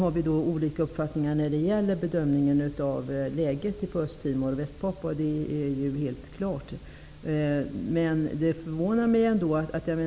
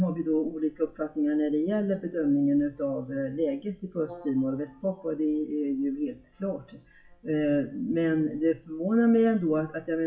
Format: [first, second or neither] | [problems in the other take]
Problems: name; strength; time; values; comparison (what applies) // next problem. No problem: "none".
first | noise reduction (classical method WPE with log-MMSE)